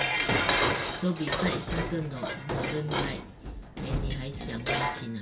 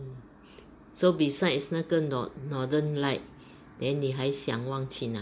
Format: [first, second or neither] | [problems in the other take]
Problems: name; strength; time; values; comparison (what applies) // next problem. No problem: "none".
second | background sound (Dishes, pots, and pans); 4 dB above the speech // room echo; dies away in 0.1 s